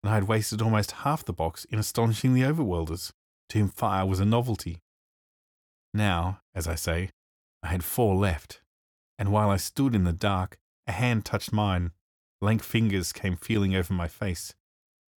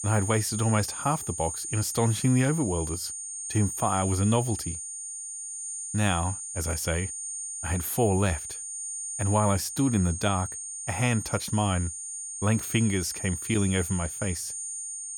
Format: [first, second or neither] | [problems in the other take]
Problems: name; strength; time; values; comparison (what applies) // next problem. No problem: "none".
first | high-pitched whine; loud; throughout; 9 kHz, 5 dB below the speech